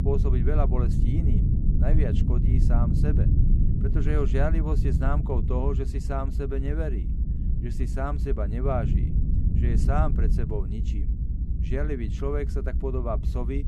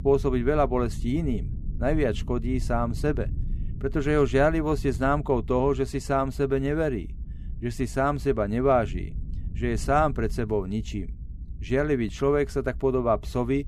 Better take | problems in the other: second | low rumble; loud; throughout; 6 dB below the speech; faint in the second

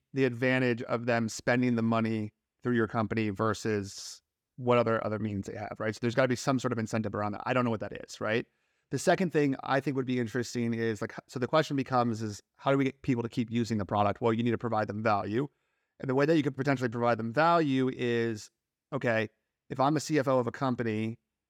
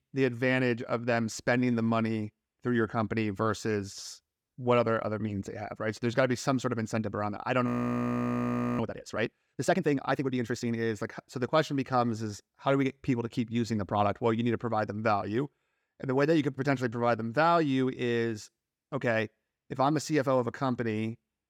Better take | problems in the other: first | audio freezing; at 7.5 s for 1 s

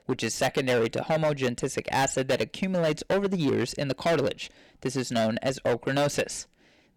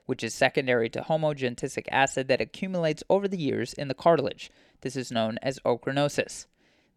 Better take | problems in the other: second | distortion; heavy; 12% of the sound clipped

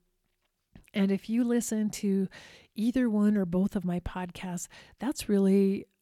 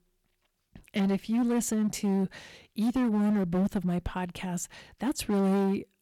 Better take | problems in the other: first | distortion; slight; 14% of the sound clipped

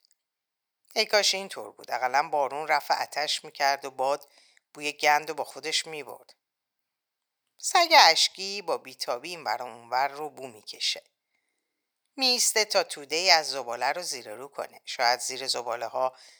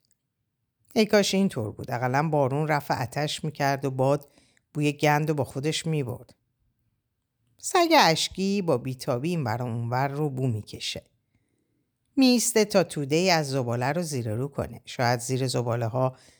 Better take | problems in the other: second | thin; very; fading below 750 Hz

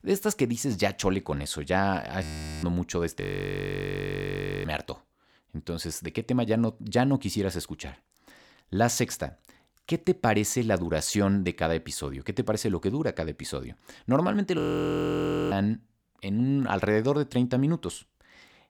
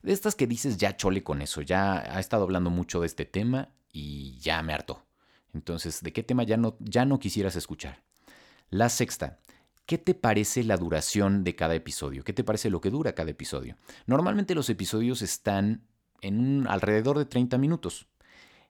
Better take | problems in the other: second | audio freezing; at 2 s, at 3 s for 1.5 s and at 15 s for 1 s

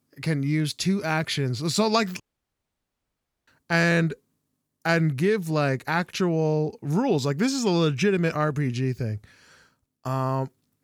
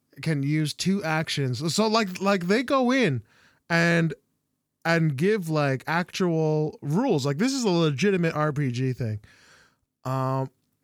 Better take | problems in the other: second | audio cutting out; at 2 s for 1.5 s

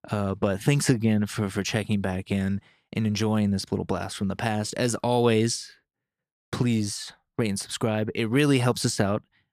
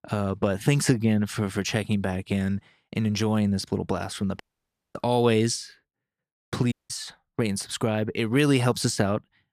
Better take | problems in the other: first | audio cutting out; at 4.5 s for 0.5 s and at 6.5 s

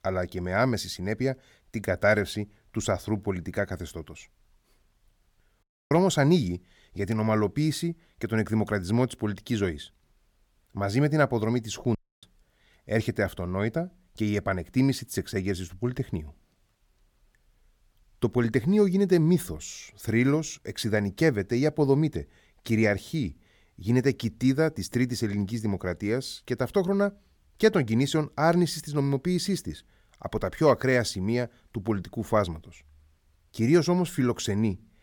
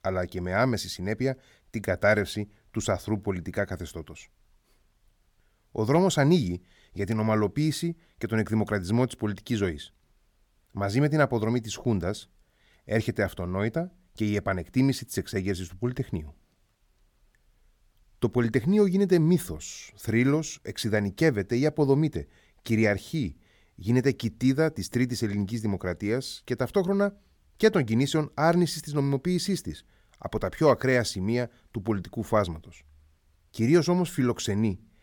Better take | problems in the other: second | audio cutting out; at 5.5 s and at 12 s

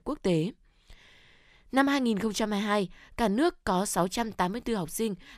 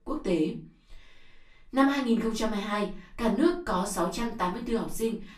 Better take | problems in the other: first | off-mic speech; far // room echo; very slight; dies away in 0.3 s

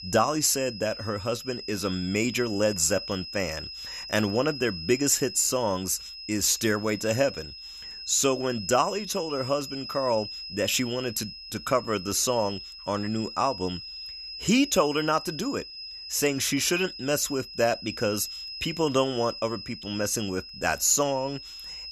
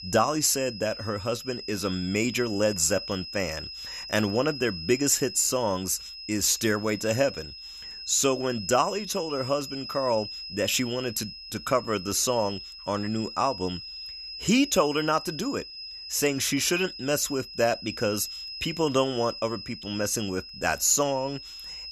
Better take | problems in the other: neither | high-pitched whine; noticeable; throughout; 5 kHz, 10 dB below the speech; the same in both

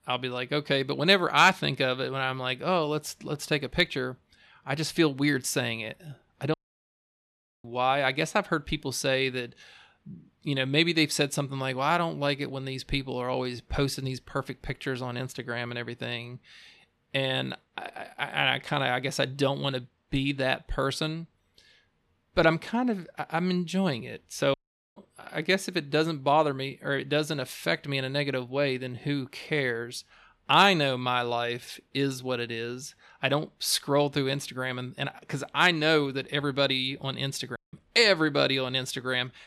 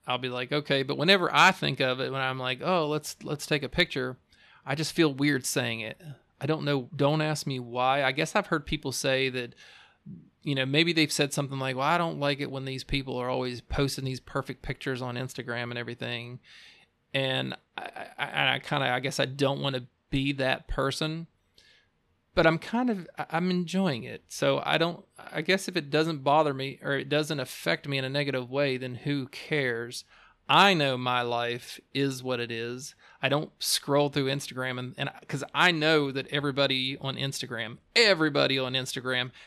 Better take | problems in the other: second | audio cutting out; at 6.5 s for 1 s, at 25 s and at 38 s

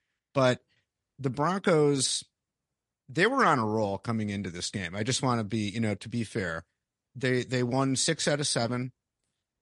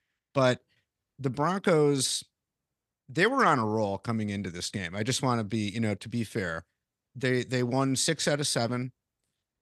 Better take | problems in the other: second | garbled, watery; slightly; nothing above 9.5 kHz

